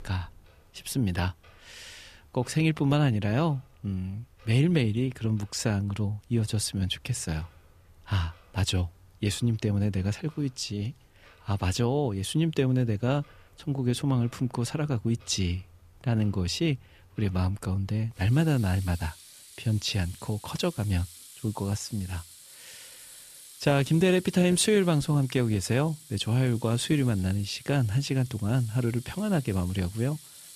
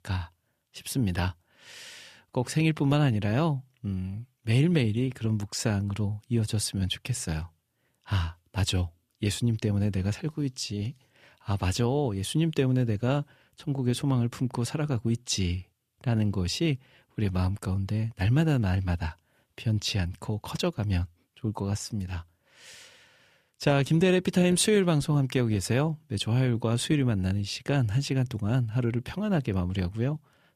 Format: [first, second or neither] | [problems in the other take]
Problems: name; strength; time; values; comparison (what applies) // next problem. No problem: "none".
second | household noises; faint; throughout; 20 dB below the speech